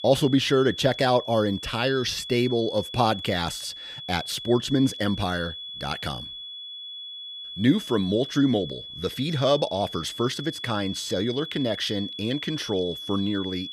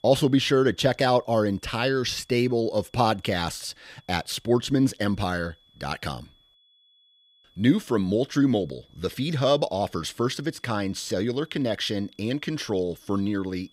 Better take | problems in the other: second | high-pitched whine; loud; throughout; 3.5 kHz, 10 dB below the speech; faint in the second

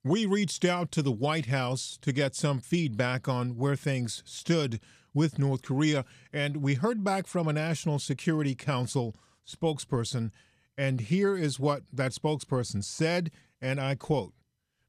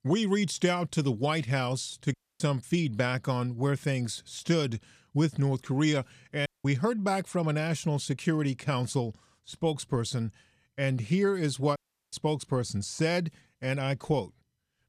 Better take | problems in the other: first | audio cutting out; at 2 s, at 6.5 s and at 12 s

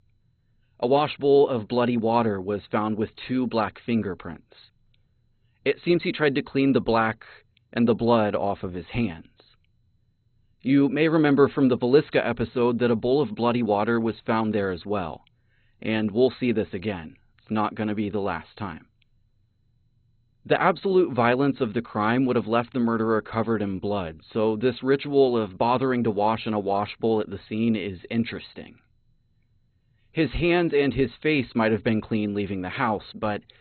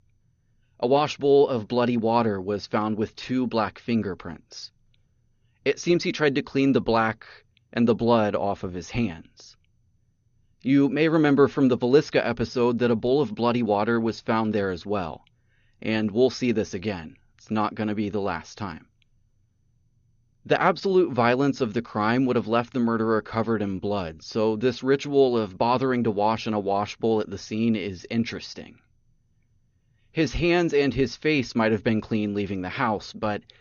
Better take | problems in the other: second | garbled, watery; badly; nothing above 4 kHz; slightly in the second

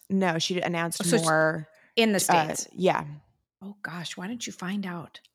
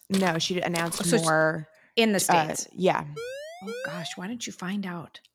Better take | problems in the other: first | footsteps; noticeable; at the start; peak 9 dB below the speech // siren; faint; from 3 to 4 s; peak 10 dB below the speech

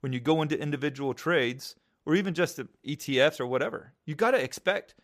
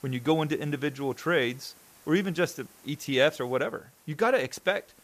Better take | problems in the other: first | hiss; faint; throughout; 25 dB below the speech

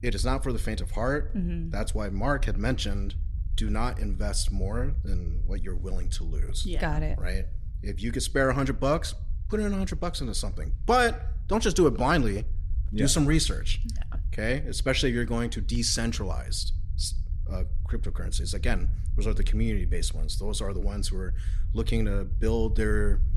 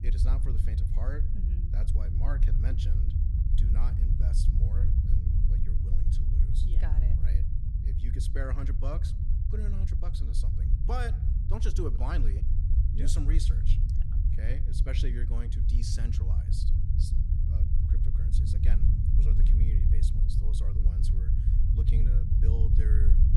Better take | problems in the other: first | low rumble; loud; throughout; 1 dB below the speech; faint in the first

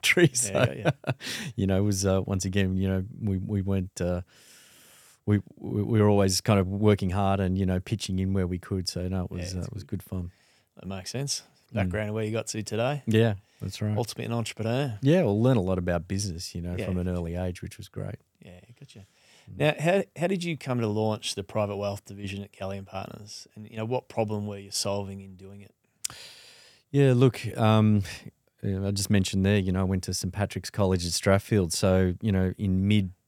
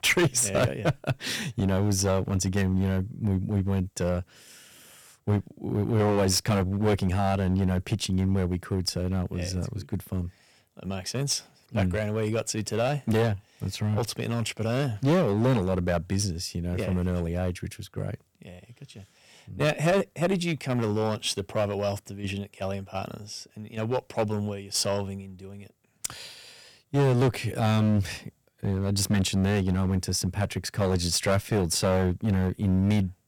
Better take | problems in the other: first | distortion; heavy; 7% of the sound clipped

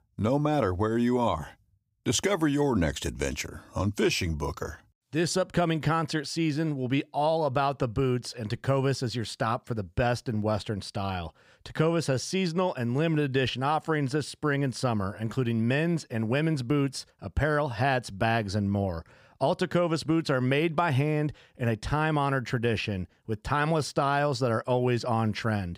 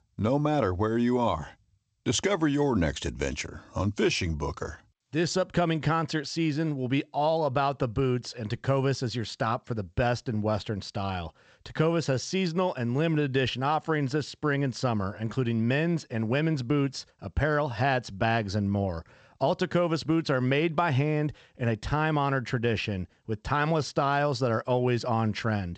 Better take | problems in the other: first | garbled, watery; slightly; nothing above 8 kHz

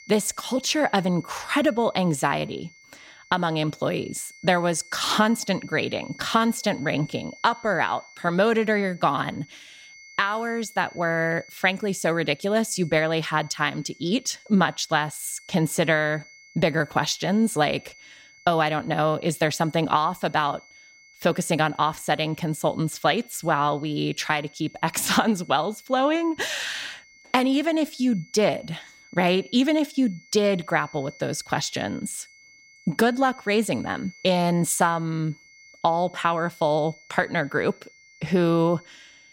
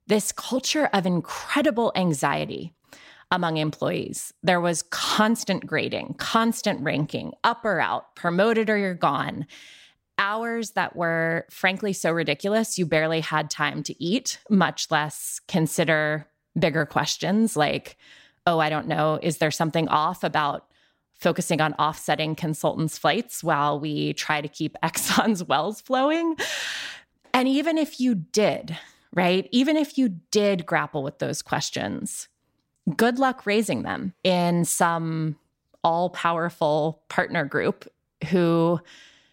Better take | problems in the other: second | high-pitched whine; faint; throughout; 2 kHz, 25 dB below the speech

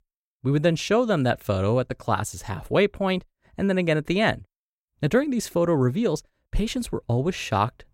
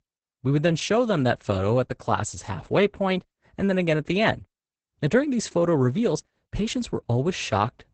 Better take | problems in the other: first | garbled, watery; badly; nothing above 8 kHz

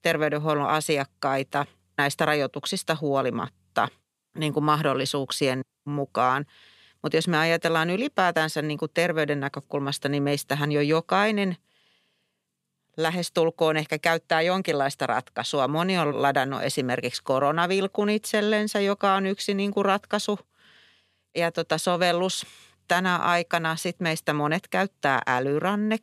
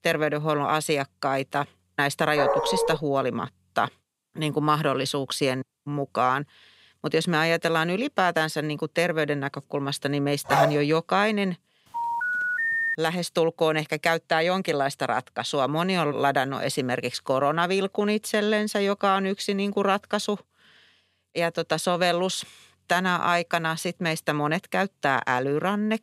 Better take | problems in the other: first | dog barking; loud; at 2.5 s and at 10 s; peak 2 dB above the speech // phone ringing; loud; from 12 to 13 s; peak 2 dB above the speech

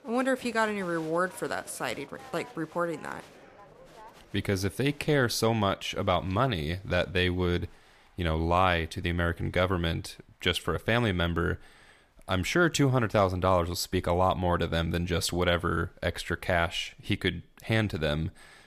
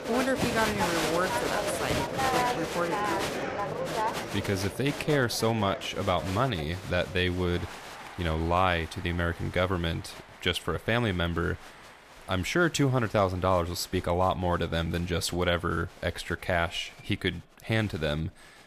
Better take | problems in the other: first | crowd noise; loud; throughout; 3 dB below the speech; faint in the first

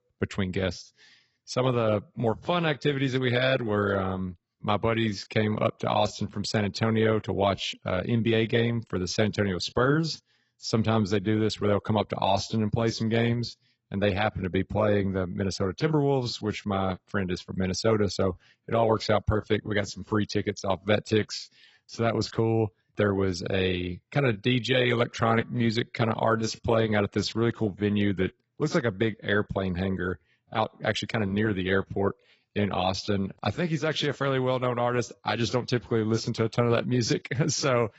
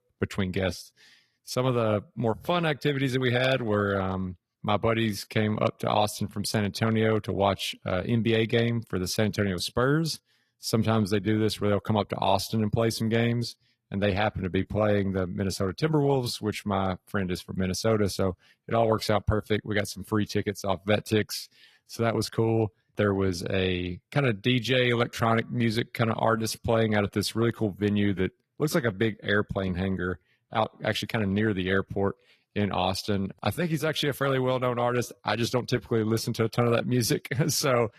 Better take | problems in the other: second | garbled, watery; badly; nothing above 7.5 kHz; slightly in the second

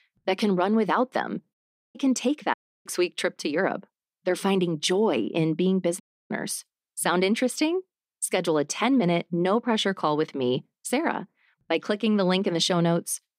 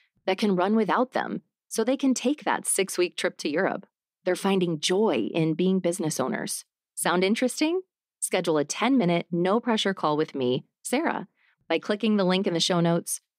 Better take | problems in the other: second | audio cutting out; at 1.5 s, at 2.5 s and at 6 s

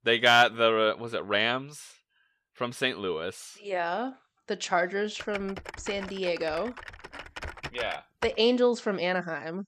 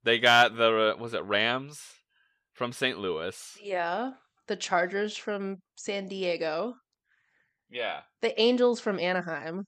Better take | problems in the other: second | keyboard typing; faint; from 5 to 8.5 s; peak 10 dB below the speech

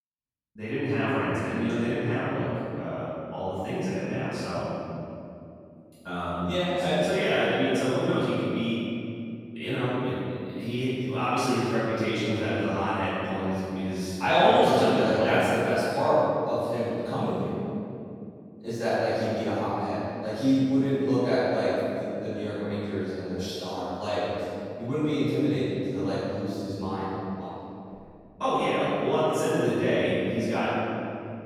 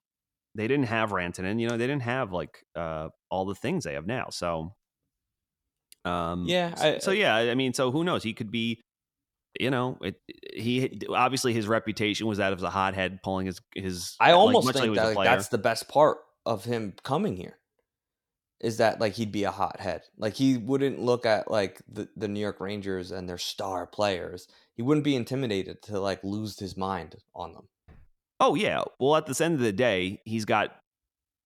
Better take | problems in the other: second | off-mic speech; far // room echo; strong; dies away in 2.8 s

